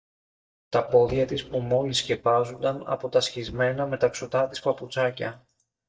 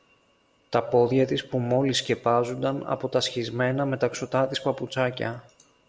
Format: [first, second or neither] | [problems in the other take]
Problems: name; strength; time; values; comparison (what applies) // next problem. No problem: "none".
second | noise reduction (neural mask model DeepFilterNet 3)